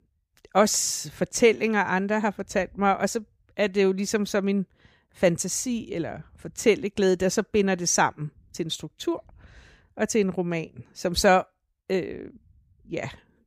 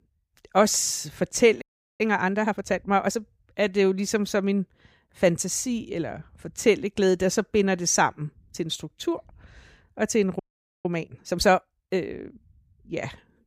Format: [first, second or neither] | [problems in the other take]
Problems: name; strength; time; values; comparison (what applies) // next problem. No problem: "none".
first | audio freezing; at 1.5 s and at 10 s